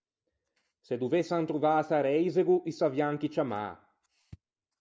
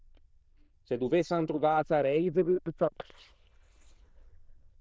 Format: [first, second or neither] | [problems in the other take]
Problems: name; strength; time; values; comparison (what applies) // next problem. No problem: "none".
first | noise reduction (neural diffusion model UNIVERSE++)